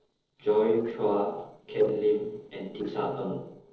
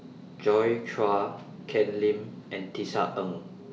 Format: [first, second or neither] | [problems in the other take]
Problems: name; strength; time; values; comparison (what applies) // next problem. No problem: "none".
second | noise reduction (neural separator model SepFormer DNS4)